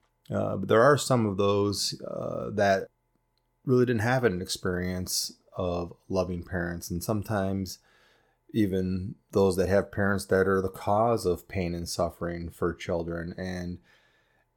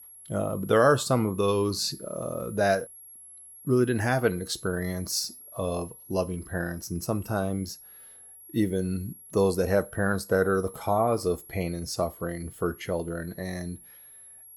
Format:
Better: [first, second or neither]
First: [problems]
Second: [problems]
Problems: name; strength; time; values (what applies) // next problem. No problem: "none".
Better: first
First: none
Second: high-pitched whine; noticeable; throughout; 11 kHz, 20 dB below the speech